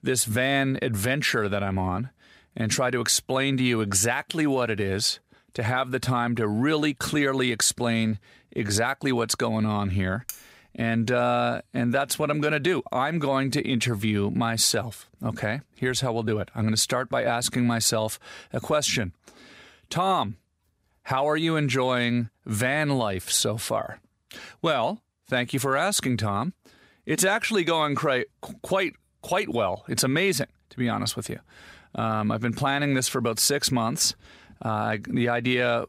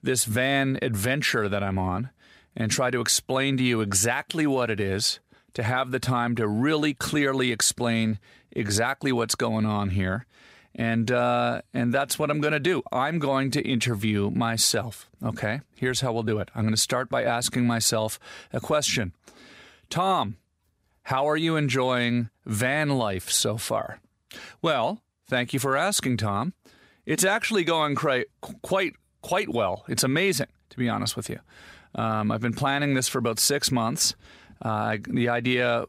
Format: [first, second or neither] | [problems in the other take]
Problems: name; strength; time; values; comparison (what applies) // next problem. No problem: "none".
second | clattering dishes; faint; at 10 s; peak 15 dB below the speech